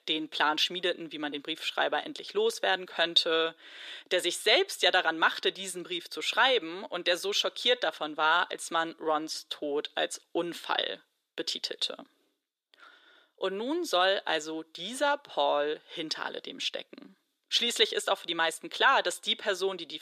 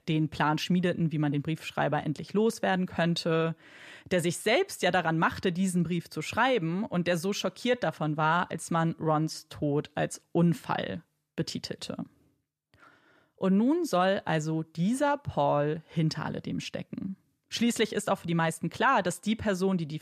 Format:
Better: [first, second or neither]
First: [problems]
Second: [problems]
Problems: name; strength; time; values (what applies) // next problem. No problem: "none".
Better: second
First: thin; very; fading below 350 Hz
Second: none